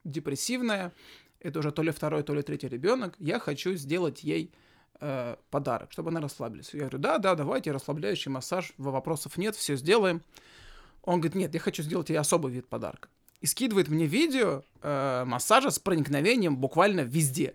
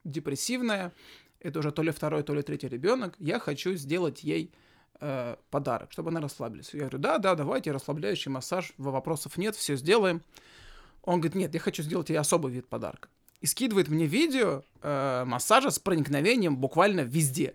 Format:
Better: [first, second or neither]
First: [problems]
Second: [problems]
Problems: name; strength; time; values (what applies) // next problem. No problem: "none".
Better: neither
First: none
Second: none